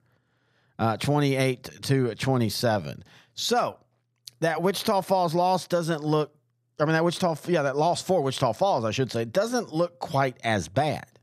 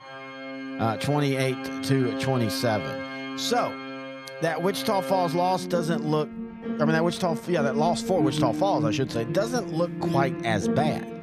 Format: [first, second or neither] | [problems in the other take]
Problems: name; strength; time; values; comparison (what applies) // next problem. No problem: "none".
first | background music; loud; throughout; 5 dB below the speech